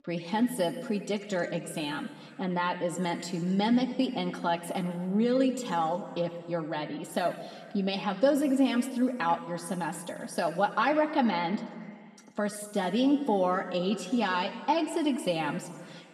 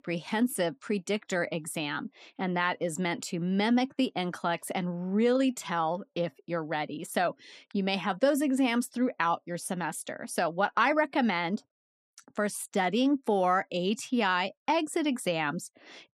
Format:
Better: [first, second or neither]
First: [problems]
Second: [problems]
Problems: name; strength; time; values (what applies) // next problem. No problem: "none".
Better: second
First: room echo; slight; dies away in 1.7 s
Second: none